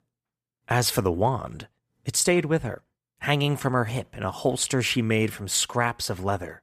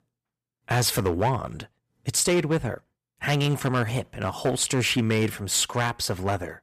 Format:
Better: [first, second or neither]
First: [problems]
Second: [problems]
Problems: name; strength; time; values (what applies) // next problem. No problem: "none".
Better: first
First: none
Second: distortion; slight; 6% of the sound clipped